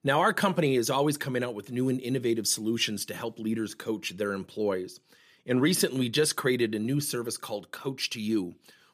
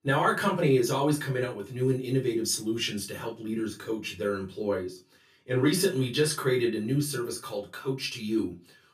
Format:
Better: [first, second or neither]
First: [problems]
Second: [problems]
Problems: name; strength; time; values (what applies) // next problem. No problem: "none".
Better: first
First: none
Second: off-mic speech; far // room echo; very slight; dies away in 0.2 s